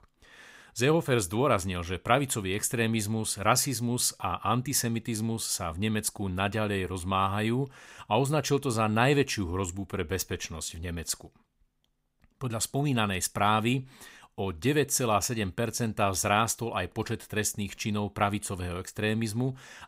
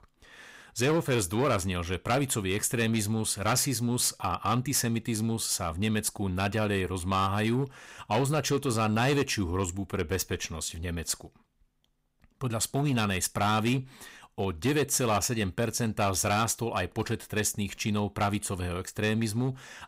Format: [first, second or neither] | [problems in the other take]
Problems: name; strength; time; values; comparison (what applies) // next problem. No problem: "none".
first | distortion; slight; 6% of the sound clipped